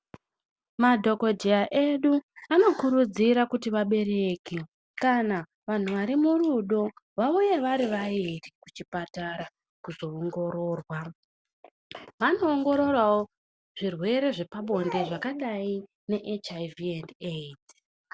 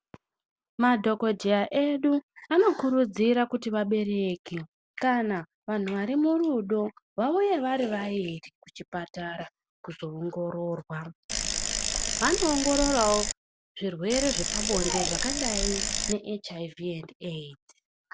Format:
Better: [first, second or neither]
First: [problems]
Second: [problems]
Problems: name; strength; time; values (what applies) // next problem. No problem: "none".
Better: first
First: none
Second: background sound (Bicycle); 1 dB below the speech